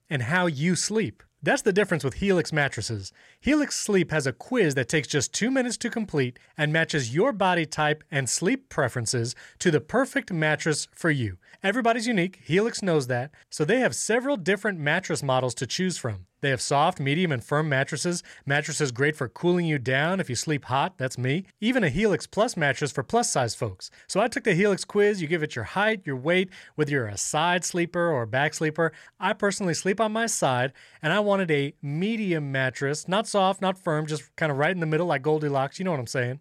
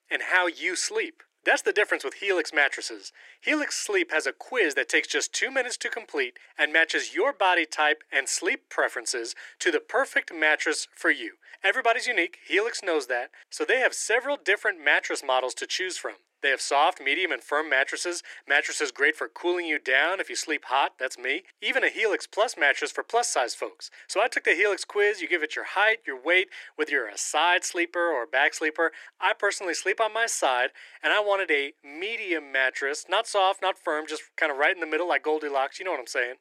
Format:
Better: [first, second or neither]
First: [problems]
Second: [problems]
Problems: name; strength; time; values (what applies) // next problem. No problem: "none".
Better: first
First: none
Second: thin; very; fading below 300 Hz